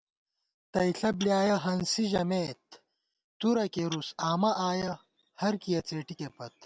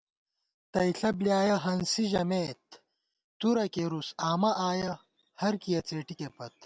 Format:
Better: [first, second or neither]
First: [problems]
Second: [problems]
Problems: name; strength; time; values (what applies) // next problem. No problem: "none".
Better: second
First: background sound (Tap / Glass); 18 dB below the speech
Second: none